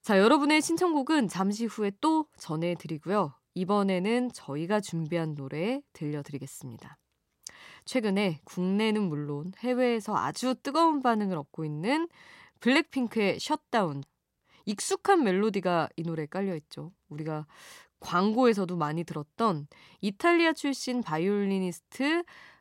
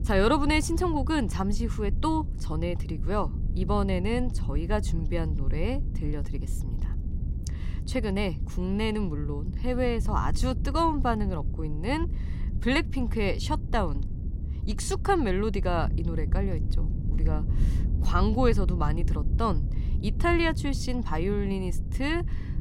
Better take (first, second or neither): first